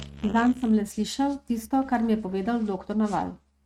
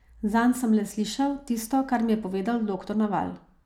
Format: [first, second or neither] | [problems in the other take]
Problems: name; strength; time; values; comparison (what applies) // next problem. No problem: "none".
second | noise reduction (neural mask model RNNoise)